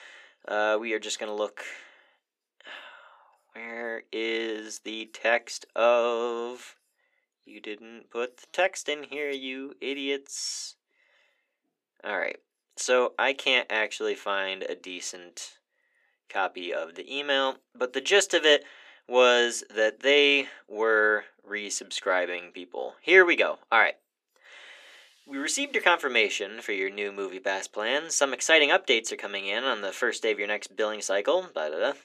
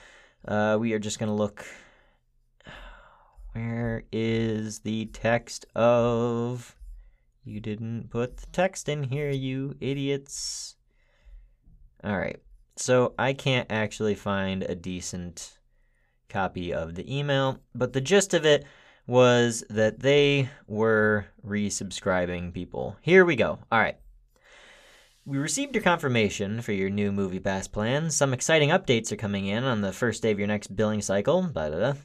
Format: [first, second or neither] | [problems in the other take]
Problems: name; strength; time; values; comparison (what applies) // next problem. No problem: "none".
second | thin; somewhat; fading below 300 Hz